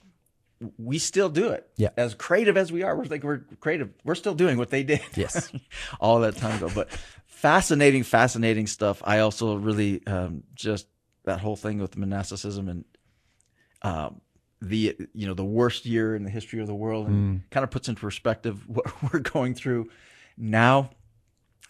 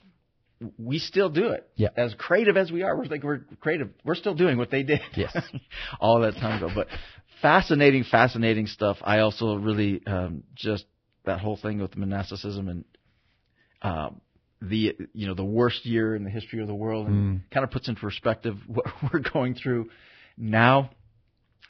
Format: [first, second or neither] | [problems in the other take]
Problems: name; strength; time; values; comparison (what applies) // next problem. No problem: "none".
first | garbled, watery; badly; nothing above 5.5 kHz; slightly in the first